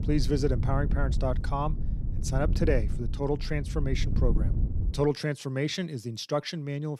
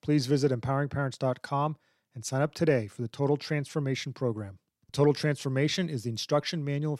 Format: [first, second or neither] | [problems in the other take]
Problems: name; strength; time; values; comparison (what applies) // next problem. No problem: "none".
second | wind noise on the microphone; occasional gusts; until 5 s; 10 dB below the speech